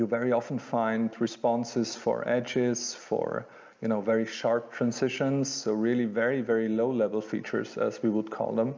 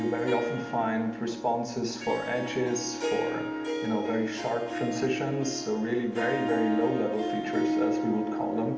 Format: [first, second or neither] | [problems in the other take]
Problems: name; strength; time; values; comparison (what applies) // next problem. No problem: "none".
first | background sound (Harp); 2 dB below the speech // room echo; dies away in 0.8 s